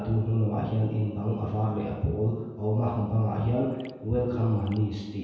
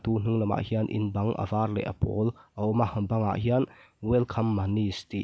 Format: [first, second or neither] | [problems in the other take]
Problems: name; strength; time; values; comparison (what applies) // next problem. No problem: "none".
second | background sound (Gurgling); 20 dB below the speech // room echo; dies away in 1.2 s